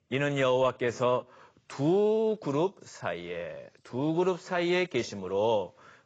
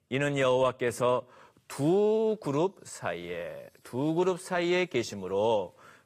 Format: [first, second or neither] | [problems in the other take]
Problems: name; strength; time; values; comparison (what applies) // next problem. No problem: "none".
second | garbled, watery; badly; nothing above 7.5 kHz; slightly in the second